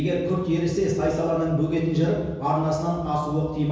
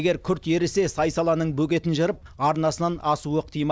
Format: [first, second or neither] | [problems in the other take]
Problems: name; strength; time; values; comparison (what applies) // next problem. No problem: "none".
second | room echo; dies away in 1.2 s